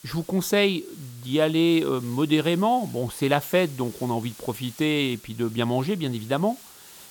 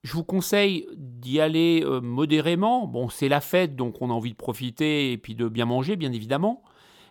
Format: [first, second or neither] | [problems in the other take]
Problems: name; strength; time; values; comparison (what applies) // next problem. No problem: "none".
second | hiss; faint; throughout; 20 dB below the speech